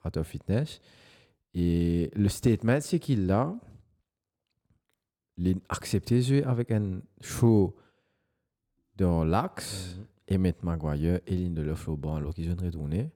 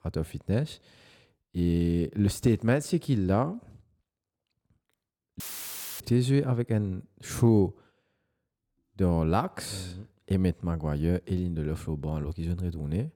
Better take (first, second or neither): first